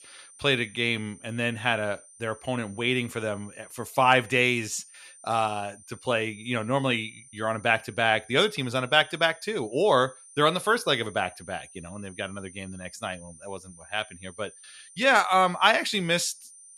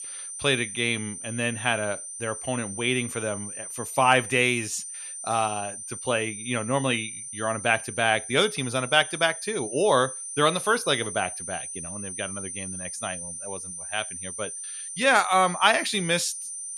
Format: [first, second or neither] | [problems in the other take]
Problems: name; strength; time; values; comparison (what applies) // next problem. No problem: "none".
first | high-pitched whine; loud; throughout; 9 kHz, 9 dB below the speech; faint in the first